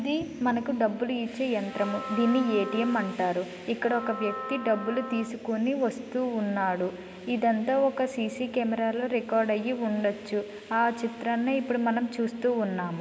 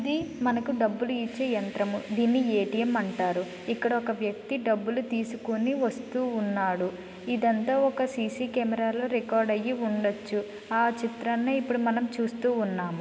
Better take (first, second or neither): second